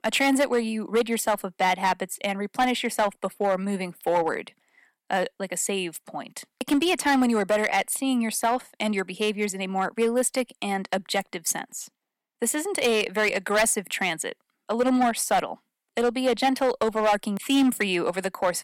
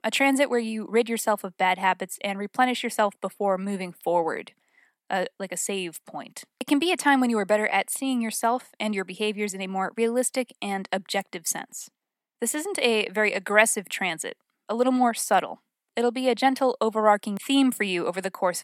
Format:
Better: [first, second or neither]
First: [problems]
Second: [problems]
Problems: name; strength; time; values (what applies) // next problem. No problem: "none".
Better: second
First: distortion; slight; 5% of the sound clipped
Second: none